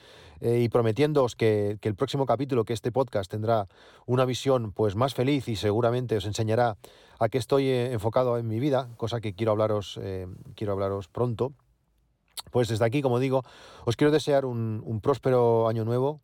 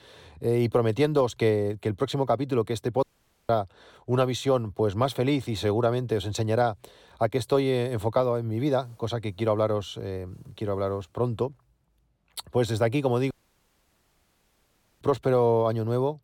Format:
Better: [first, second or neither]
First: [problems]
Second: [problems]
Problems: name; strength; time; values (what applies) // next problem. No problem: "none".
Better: first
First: none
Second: audio cutting out; at 3 s and at 13 s for 1.5 s